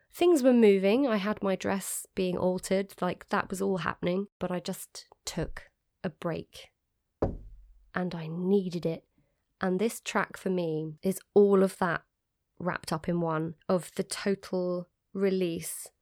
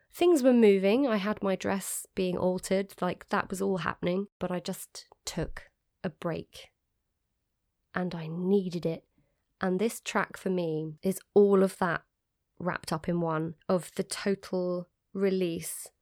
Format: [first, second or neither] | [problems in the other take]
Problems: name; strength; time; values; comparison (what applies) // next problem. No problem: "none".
second | door banging; noticeable; at 7 s; peak 5 dB below the speech